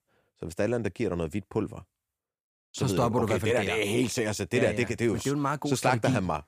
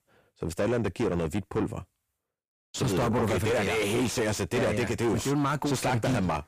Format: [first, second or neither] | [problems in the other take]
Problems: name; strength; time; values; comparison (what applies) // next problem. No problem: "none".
first | distortion; heavy; 7 dB below the speech